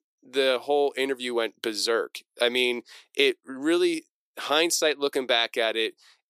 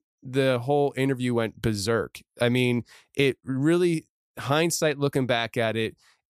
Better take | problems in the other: second | thin; somewhat; fading below 350 Hz

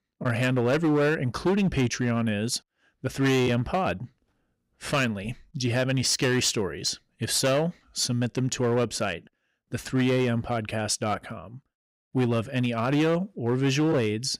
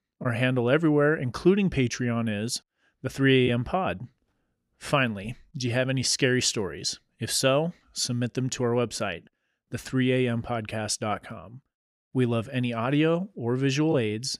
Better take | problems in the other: second | distortion; slight; 9% of the sound clipped

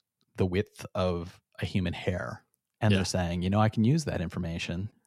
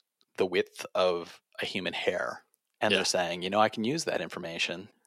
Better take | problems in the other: first | thin; somewhat; fading below 400 Hz

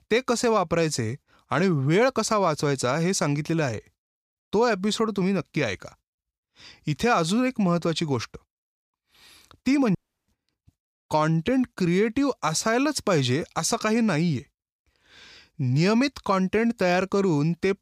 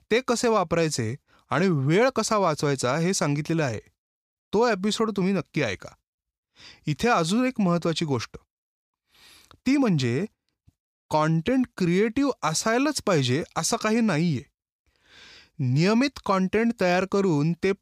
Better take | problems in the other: second | audio cutting out; at 10 s

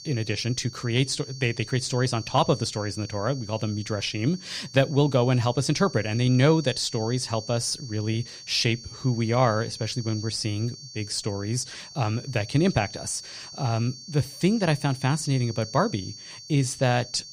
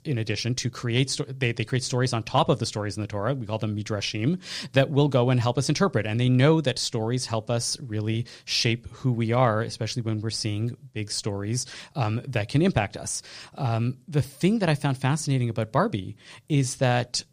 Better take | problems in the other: second | high-pitched whine; noticeable; throughout; 4.5 kHz, 15 dB below the speech

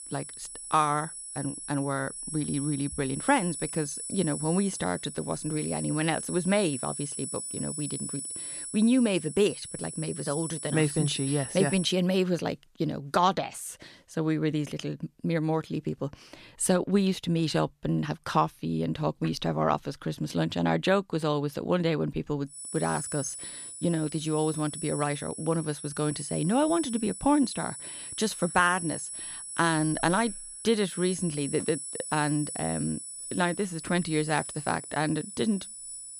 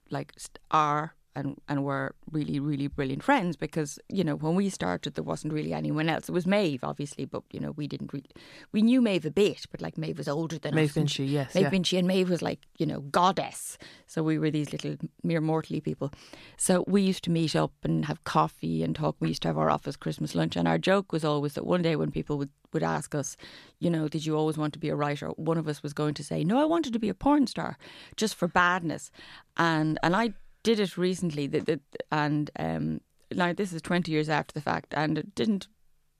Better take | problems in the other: second | high-pitched whine; loud; until 12 s and from 23 s on; 10 kHz, 7 dB below the speech

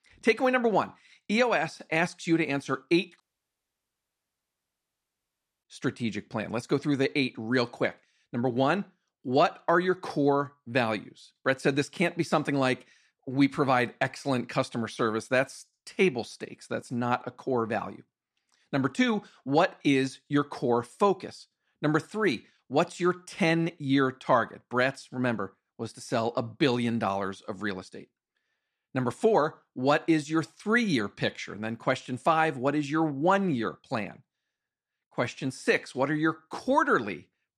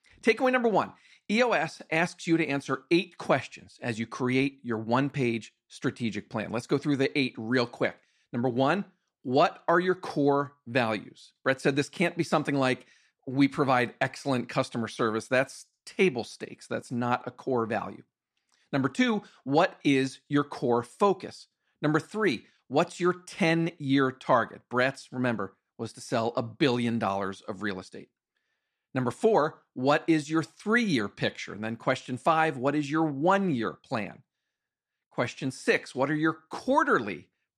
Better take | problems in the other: second | audio cutting out; at 3 s for 2.5 s

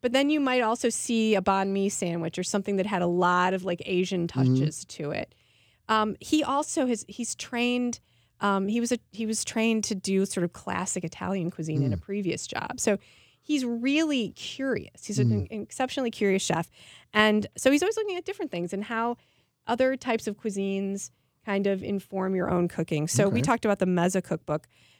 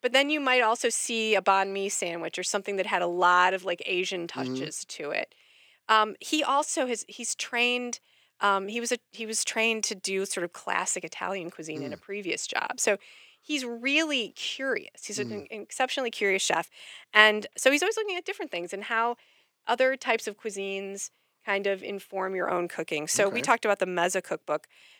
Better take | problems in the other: first | thin; somewhat; fading below 450 Hz

